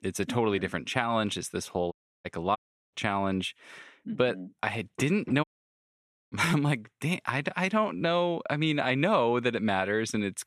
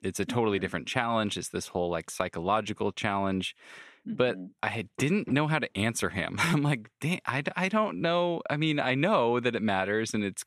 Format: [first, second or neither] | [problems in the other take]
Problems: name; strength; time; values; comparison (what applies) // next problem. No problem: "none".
second | audio cutting out; at 2 s, at 2.5 s and at 5.5 s for 1 s